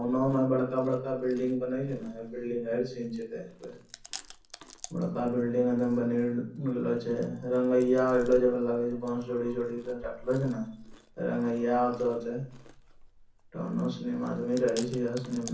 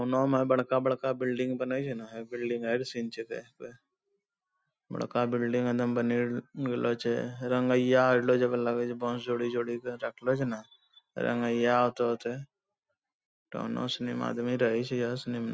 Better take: second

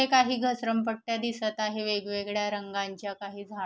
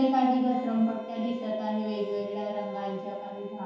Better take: first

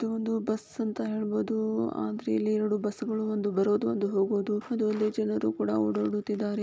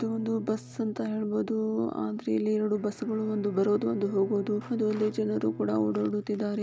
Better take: first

